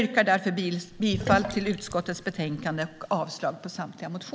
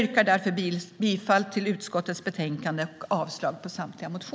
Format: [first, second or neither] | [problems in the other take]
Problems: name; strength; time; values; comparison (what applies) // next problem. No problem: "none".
second | background sound (Sink (filling or washing)); 8 dB below the speech